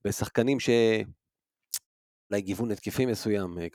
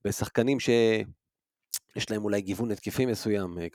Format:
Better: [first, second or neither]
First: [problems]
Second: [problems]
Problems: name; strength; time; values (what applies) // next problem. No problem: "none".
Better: second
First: audio cutting out; at 2 s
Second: none